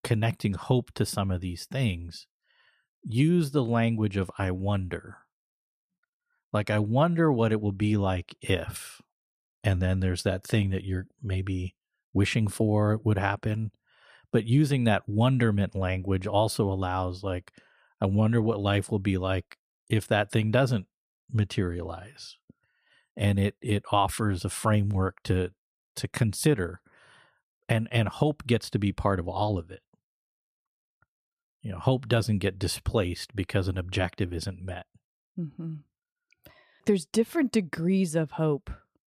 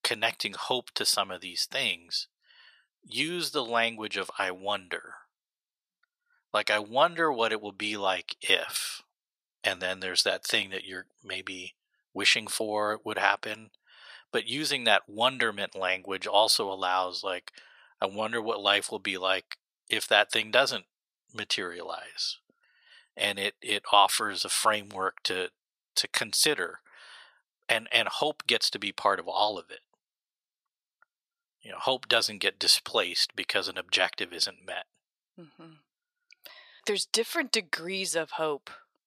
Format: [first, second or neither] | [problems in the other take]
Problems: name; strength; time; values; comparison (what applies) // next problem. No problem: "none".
first | thin; very; fading below 700 Hz